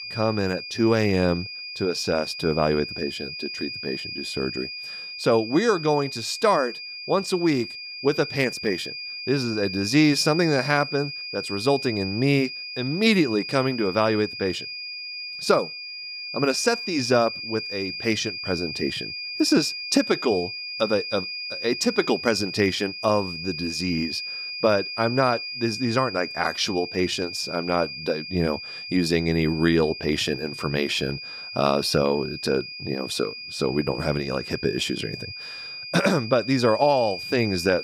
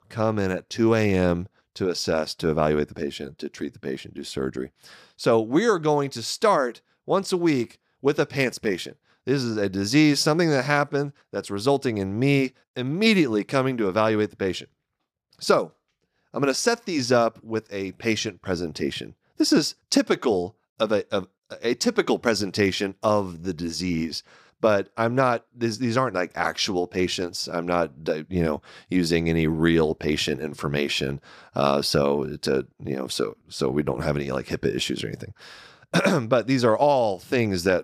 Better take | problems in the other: second | high-pitched whine; loud; throughout; 5 kHz, 8 dB below the speech

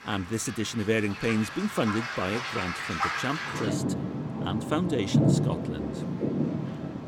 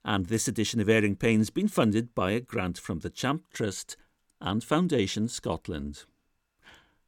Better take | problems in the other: second | rain or running water; very loud; throughout; 1 dB above the speech

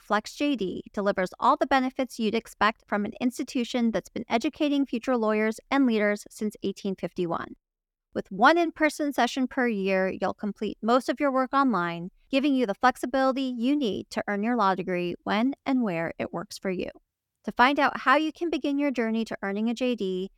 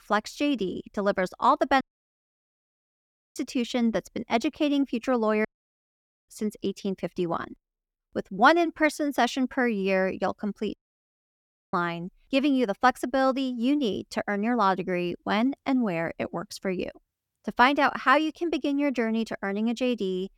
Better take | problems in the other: first | audio cutting out; at 2 s for 1.5 s, at 5.5 s for 1 s and at 11 s for 1 s

